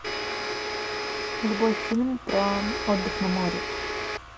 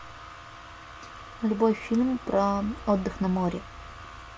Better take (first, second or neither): second